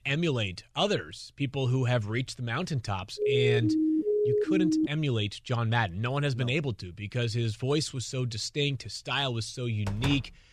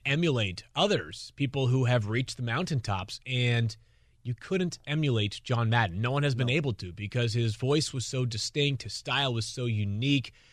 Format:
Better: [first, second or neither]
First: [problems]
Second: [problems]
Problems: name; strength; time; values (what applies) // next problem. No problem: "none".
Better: second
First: siren; loud; from 3 to 5 s; peak 4 dB above the speech // door banging; noticeable; at 10 s; peak 6 dB below the speech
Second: none